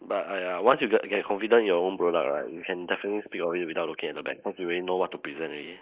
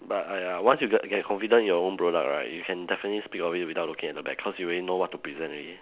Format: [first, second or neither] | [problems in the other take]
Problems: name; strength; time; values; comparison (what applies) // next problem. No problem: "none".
second | noise reduction (neural mask model Resemble Enhance denoiser)